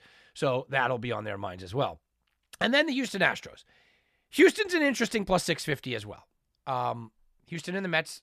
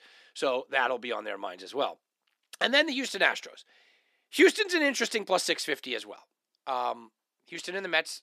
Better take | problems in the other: first | thin; very slightly; fading below 250 Hz

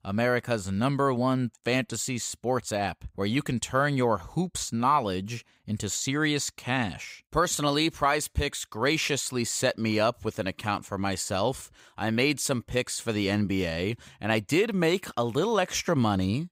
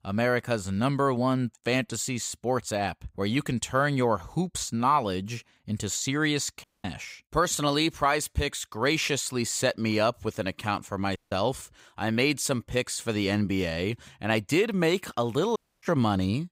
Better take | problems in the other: first | audio cutting out; at 6.5 s, at 11 s and at 16 s

